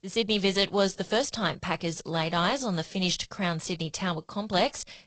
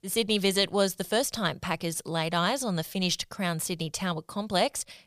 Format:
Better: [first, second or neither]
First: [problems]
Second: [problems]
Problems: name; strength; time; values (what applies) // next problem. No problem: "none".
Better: second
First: garbled, watery; slightly; nothing above 8 kHz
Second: none